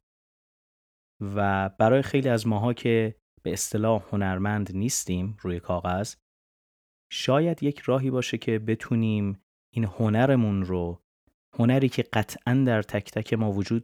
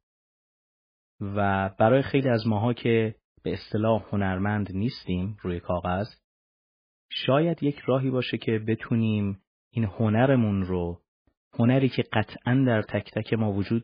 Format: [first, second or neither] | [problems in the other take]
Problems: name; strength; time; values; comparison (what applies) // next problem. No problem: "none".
first | garbled, watery; badly; nothing above 5 kHz